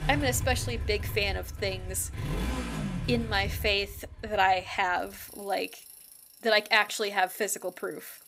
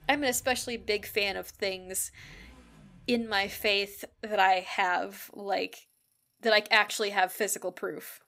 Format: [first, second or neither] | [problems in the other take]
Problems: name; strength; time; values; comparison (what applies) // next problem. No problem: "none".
second | traffic noise; loud; throughout; 8 dB below the speech; faint in the second